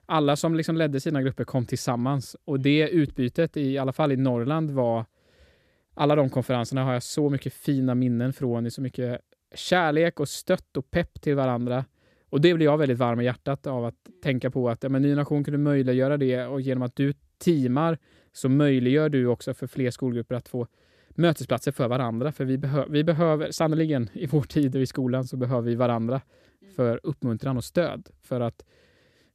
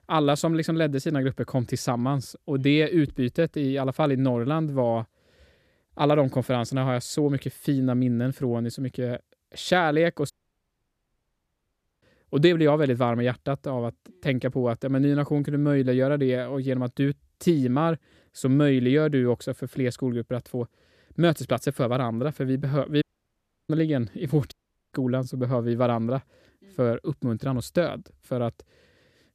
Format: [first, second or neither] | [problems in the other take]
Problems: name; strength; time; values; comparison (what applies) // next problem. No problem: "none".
first | audio cutting out; at 10 s for 1.5 s, at 23 s for 0.5 s and at 25 s